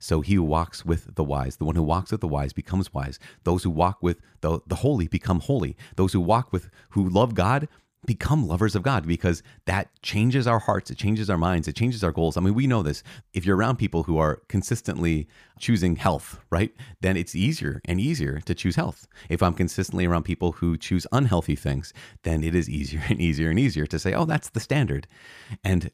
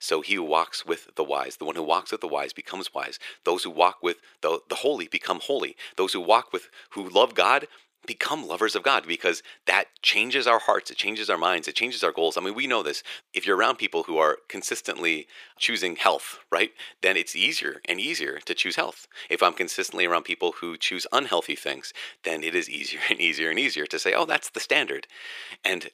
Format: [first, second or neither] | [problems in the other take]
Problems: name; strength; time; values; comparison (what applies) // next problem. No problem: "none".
first | thin; very; fading below 400 Hz